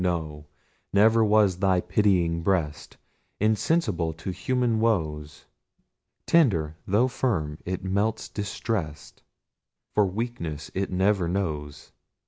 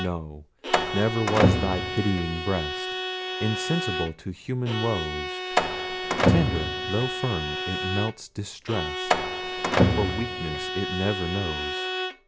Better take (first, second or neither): first